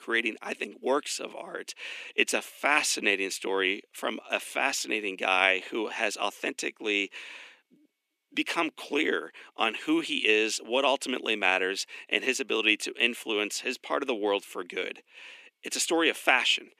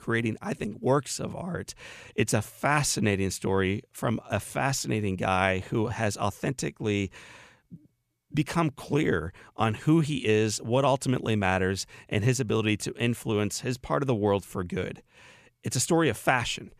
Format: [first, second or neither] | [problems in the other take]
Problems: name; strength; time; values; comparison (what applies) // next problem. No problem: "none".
second | thin; somewhat; fading below 250 Hz